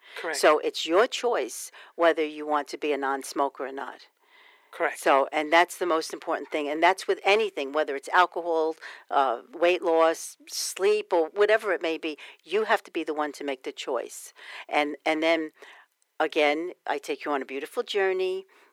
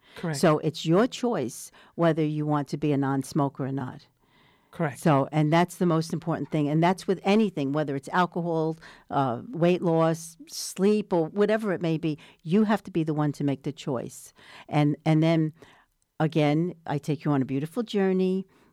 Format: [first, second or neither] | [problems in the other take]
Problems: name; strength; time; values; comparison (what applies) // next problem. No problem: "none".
second | thin; very; fading below 400 Hz